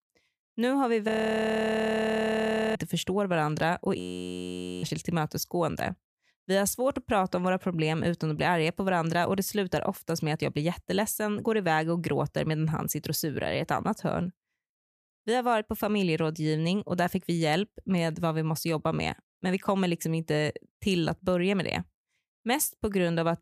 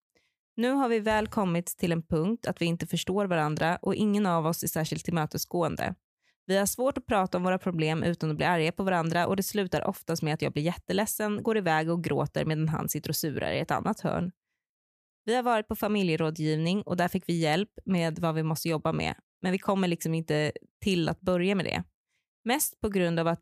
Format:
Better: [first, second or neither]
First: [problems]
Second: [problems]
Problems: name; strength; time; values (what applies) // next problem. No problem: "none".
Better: second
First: audio freezing; at 1 s for 1.5 s and at 4 s for 1 s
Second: none